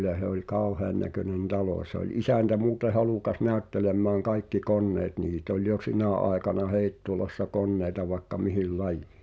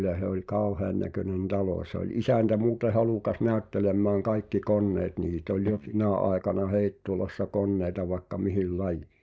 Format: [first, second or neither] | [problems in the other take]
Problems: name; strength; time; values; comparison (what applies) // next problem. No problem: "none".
first | noise reduction (neural mask model DeepFilterNet 3)